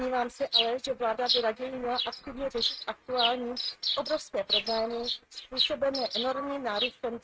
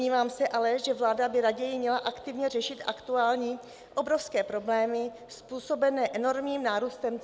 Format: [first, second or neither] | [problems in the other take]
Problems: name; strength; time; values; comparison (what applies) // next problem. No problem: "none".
second | noise reduction (neural mask model RNNoise)